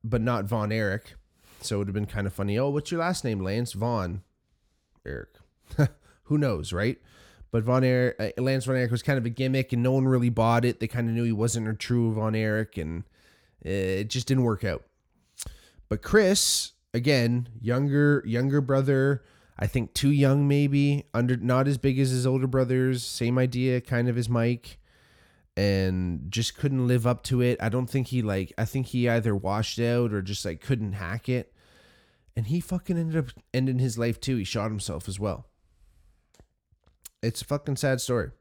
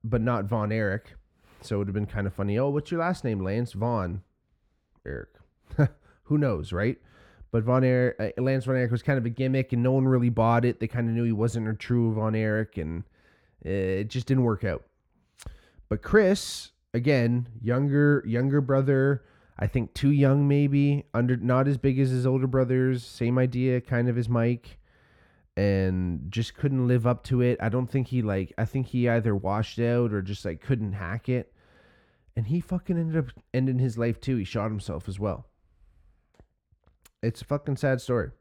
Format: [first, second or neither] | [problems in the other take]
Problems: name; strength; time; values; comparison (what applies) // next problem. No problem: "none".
first | muffled; slightly; fading above 3.5 kHz